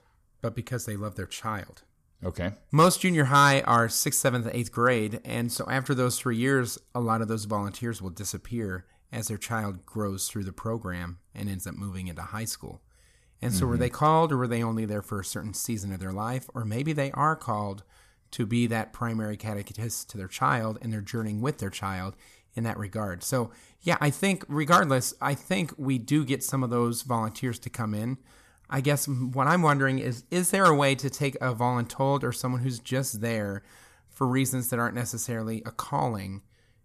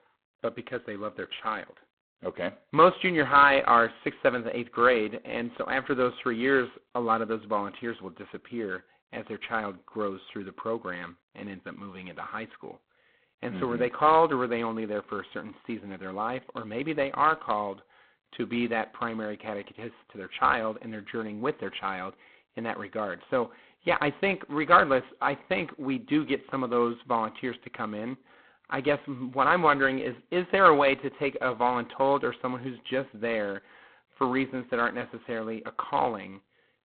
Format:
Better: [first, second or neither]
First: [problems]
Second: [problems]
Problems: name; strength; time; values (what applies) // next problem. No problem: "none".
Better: first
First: none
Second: phone-call audio; poor line; nothing above 4 kHz